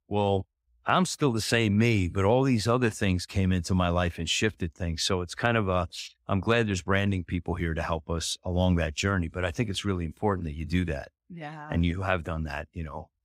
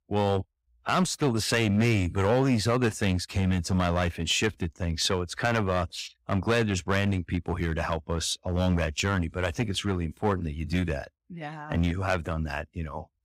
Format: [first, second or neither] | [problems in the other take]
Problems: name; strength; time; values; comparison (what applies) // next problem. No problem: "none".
first | distortion; slight; 5% of the sound clipped